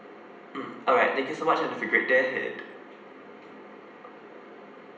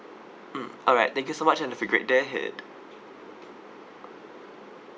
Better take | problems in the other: second | room echo; dies away in 0.8 s

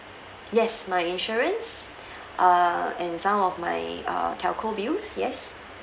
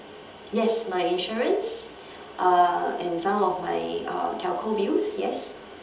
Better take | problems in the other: first | room echo; dies away in 1.2 s

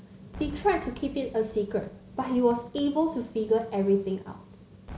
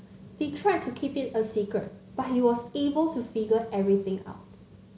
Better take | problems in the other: second | background sound (Cheering / Fireworks); 20 dB below the speech

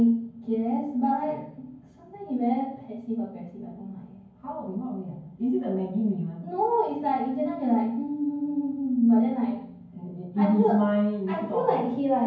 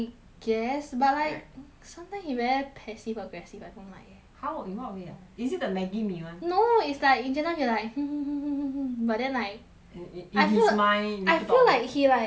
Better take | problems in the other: second | room echo; dies away in 0.9 s

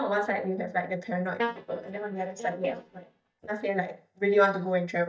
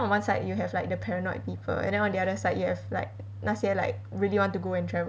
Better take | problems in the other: second | noise reduction (neural mask model DeepFilterNet 3)

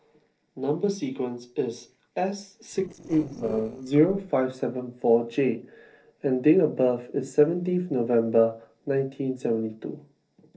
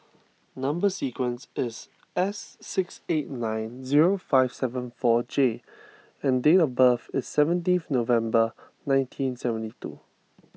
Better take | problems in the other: second | noise reduction (neural separator model SepFormer DNS4)

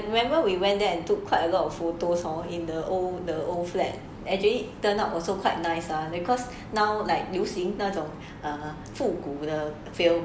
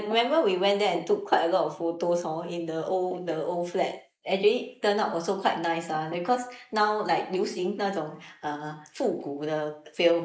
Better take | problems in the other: first | noise reduction (neural mask model Resemble Enhance denoiser)

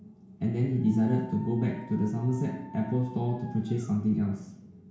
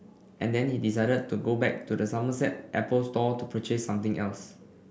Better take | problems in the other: second | background sound (Dog); 20 dB below the speech // room echo; dies away in 0.6 s

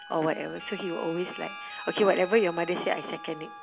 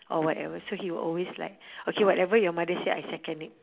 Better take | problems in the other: second | background sound (Wind instrument, woodwind instrument + Harmonica); 14 dB below the speech

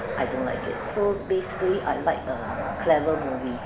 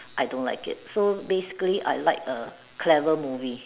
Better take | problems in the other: second | background sound (Fixed-wing aircraft, airplane); 6 dB below the speech // room echo; dies away in 2 s

